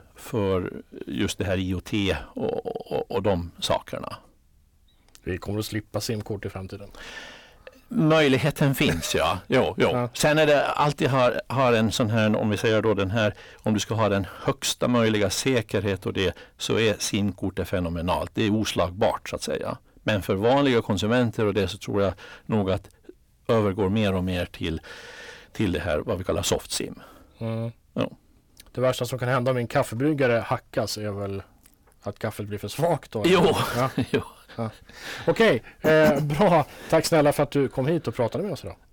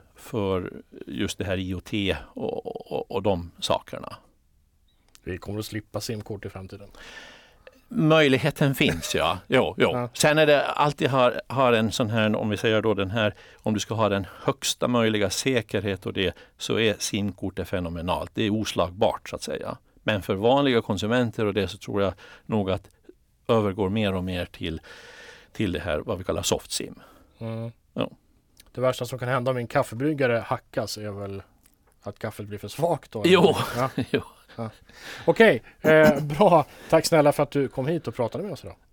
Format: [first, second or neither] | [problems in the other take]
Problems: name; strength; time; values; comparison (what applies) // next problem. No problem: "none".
second | distortion; slight; 10 dB below the speech